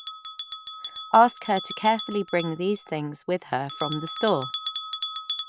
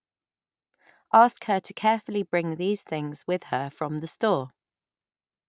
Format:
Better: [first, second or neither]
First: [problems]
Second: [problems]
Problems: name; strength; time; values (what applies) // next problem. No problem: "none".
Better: second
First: background sound (Bell); 9 dB below the speech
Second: none